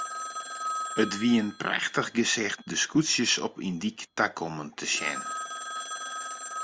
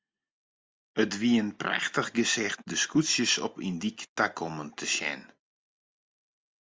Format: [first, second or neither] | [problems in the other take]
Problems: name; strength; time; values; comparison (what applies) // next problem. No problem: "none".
second | background sound (Telephone); 9 dB below the speech